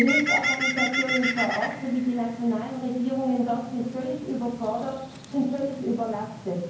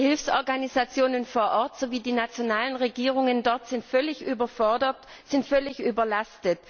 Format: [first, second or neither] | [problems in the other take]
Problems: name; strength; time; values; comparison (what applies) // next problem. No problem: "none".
second | background sound (Bird); 4 dB below the speech // room echo; dies away in 0.9 s